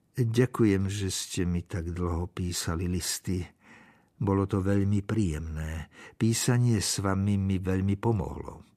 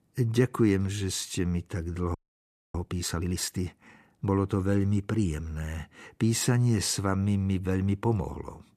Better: first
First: none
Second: audio freezing; at 2 s for 0.5 s

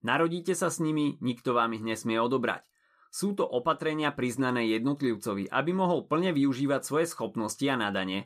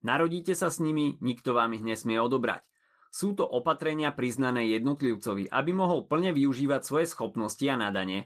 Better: first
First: none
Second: garbled, watery; slightly; nothing above 14.5 kHz

